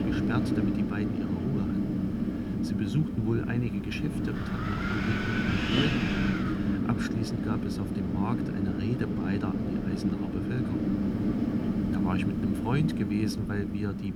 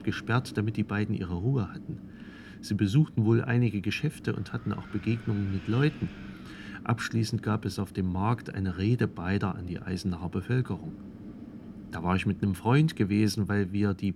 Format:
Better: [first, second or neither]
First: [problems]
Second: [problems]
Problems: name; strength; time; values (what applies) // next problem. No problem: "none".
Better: second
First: wind noise on the microphone; heavy; 4 dB above the speech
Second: wind noise on the microphone; occasional gusts; 15 dB below the speech